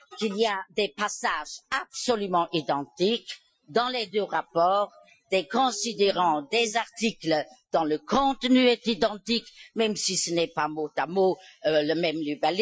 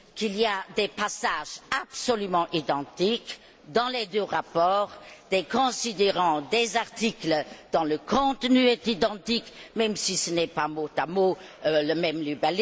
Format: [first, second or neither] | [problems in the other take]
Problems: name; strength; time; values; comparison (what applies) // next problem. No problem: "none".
second | noise reduction (classical method Wiener filter)